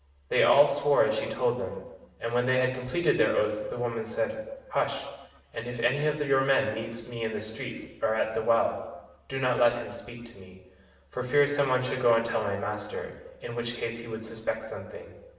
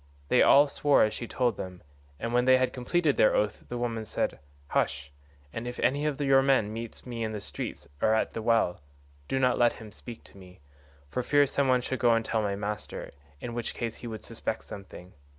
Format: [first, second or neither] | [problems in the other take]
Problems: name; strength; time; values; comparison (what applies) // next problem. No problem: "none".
second | room echo; dies away in 1 s